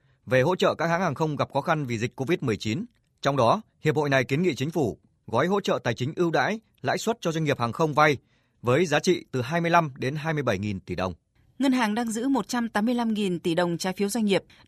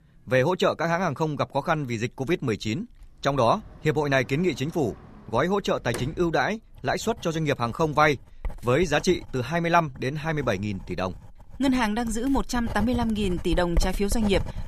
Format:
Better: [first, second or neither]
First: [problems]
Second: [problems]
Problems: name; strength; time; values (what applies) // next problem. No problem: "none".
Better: first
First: none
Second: household noises; noticeable; throughout; 15 dB below the speech